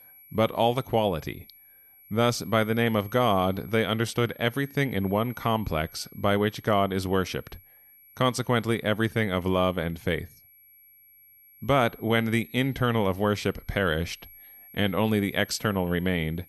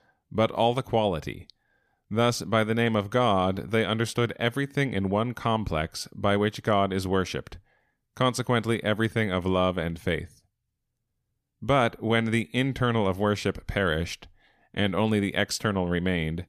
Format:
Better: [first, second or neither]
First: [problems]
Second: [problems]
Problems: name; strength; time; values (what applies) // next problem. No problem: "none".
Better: second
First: high-pitched whine; faint; throughout; 11.5 kHz, 25 dB below the speech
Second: none